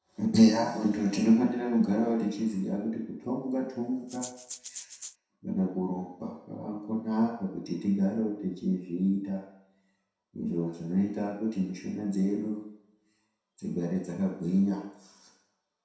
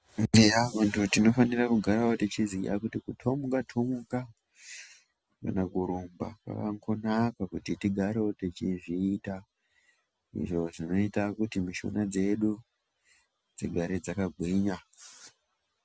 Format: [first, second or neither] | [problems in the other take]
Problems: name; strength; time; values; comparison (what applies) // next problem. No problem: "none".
second | background sound (Rattle (instrument)); 13 dB below the speech // room echo; dies away in 0.7 s